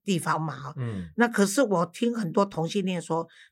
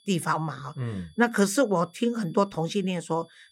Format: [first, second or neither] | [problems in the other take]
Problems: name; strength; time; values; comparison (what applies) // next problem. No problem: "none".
first | high-pitched whine; faint; throughout; 3.5 kHz, 30 dB below the speech